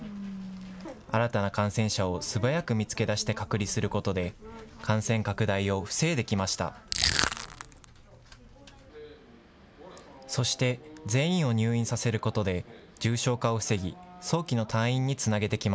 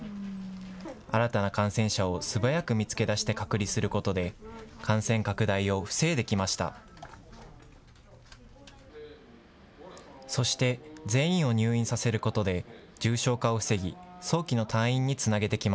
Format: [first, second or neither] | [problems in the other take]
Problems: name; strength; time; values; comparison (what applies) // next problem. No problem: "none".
second | background sound (Crushing); 1 dB below the speech